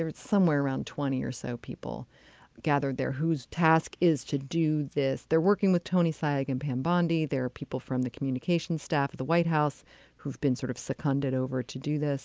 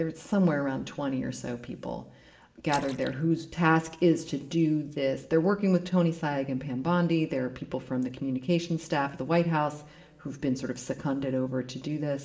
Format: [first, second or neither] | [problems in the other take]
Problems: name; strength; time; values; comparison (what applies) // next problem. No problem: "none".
first | background sound (Splash, splatter); 20 dB below the speech // room echo; dies away in 1.1 s